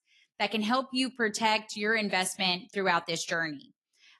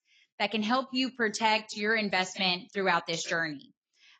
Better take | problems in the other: first | garbled, watery; badly; nothing above 7.5 kHz; slightly in the first

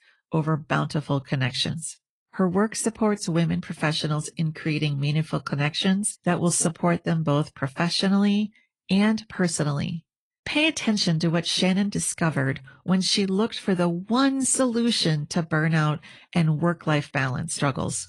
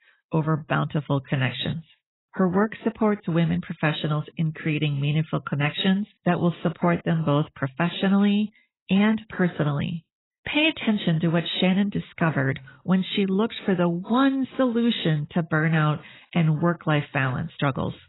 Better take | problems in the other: first | garbled, watery; badly; nothing above 4 kHz; slightly in the first

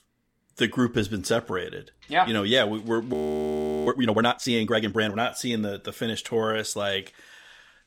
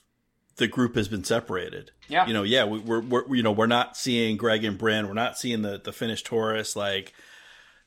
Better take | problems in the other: second | audio freezing; at 3 s for 0.5 s

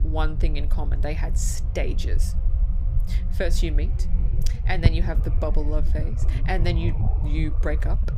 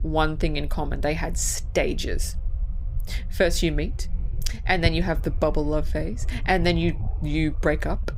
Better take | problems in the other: second | low rumble; loud; throughout; 9 dB below the speech; faint in the second

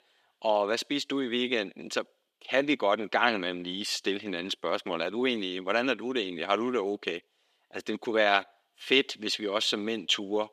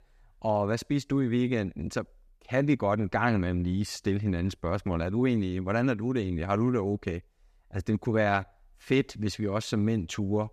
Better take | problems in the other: second | thin; somewhat; fading below 300 Hz

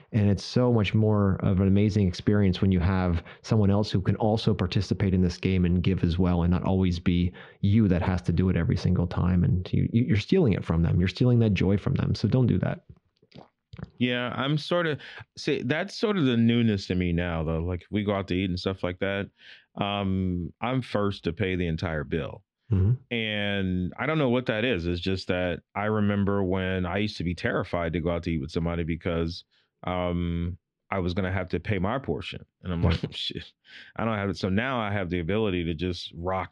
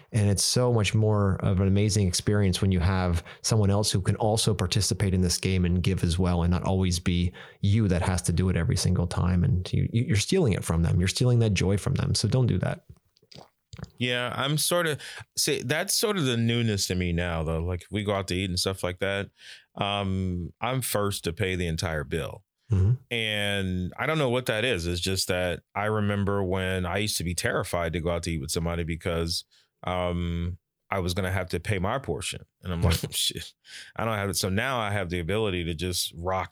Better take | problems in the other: second | muffled; slightly; fading above 3.5 kHz

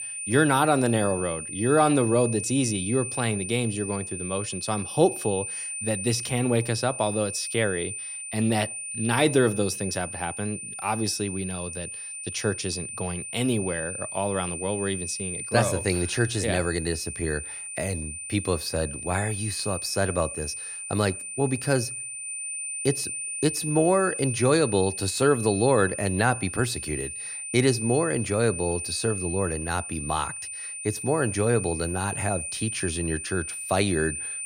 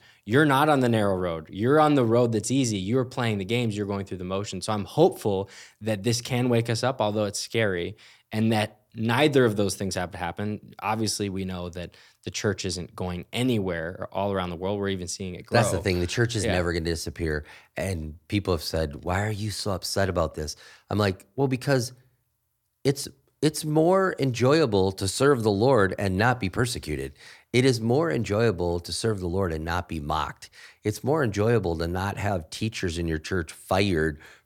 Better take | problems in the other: second | high-pitched whine; loud; throughout; 9 kHz, 6 dB below the speech

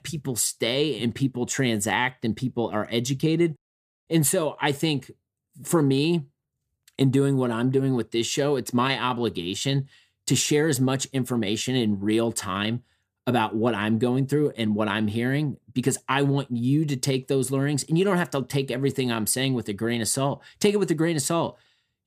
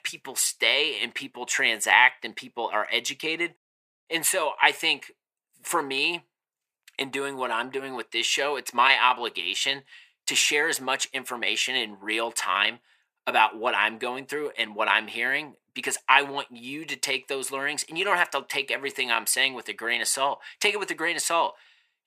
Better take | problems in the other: first | thin; very; fading below 700 Hz

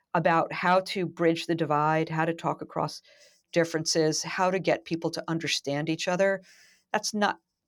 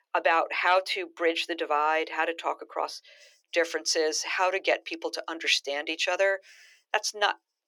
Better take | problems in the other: first | thin; very; fading below 350 Hz

